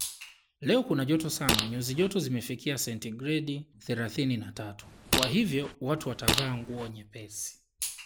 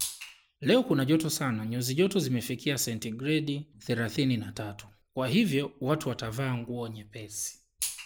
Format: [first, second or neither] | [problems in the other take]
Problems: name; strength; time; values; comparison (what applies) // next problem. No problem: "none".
second | background sound (Fart); 1 dB below the speech